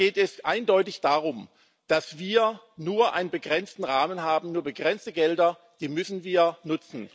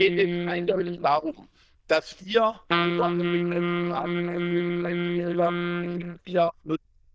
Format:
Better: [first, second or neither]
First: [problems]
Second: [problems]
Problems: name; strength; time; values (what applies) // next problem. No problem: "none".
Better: first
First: none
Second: noise reduction (neural diffusion model UNIVERSE++)